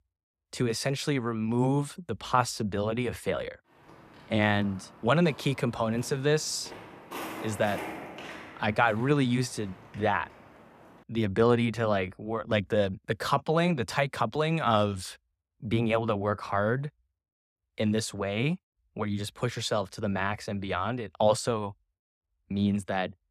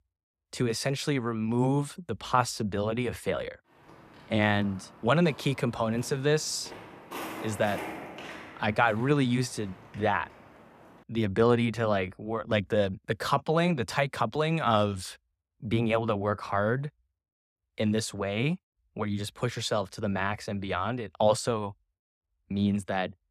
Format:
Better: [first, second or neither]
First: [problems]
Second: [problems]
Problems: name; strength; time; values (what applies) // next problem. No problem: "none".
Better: neither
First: footsteps; noticeable; from 4 to 11 s; peak 8 dB below the speech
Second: footsteps; noticeable; from 4 to 11 s; peak 8 dB below the speech